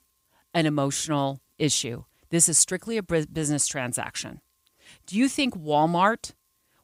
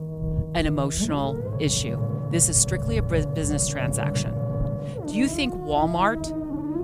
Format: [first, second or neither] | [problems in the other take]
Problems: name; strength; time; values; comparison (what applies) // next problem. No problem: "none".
first | low rumble; loud; throughout; 8 dB below the speech